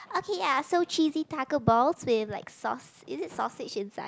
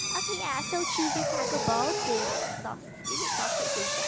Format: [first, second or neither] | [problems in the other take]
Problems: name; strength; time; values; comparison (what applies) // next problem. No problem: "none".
first | background sound (Drill); 3 dB above the speech